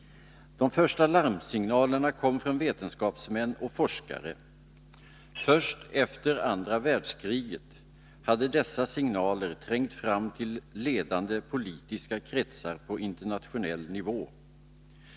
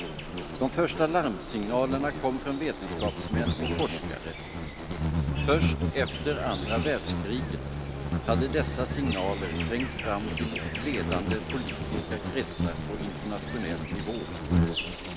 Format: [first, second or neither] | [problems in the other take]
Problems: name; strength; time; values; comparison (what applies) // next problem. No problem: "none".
first | background sound (Insect); 1 dB above the speech